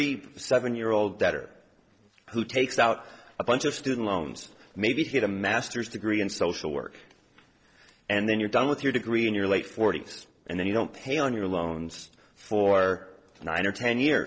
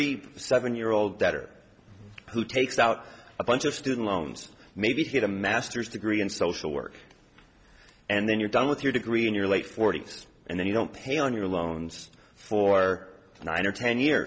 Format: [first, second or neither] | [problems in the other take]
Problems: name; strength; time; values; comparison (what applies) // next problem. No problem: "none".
second | noise reduction (neural separator model SepFormer DNS4)